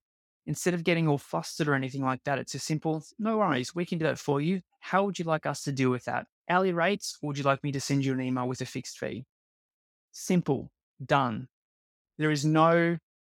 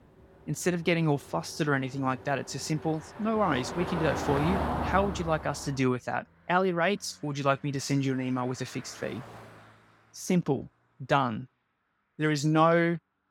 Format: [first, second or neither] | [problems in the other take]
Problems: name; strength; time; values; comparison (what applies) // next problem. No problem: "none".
first | traffic noise; loud; throughout; 8 dB below the speech